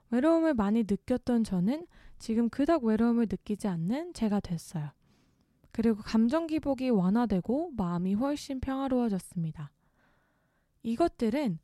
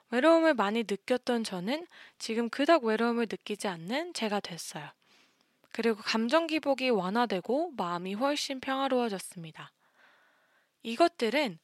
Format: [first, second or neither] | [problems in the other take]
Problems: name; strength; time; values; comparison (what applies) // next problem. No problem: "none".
first | thin; somewhat; fading below 400 Hz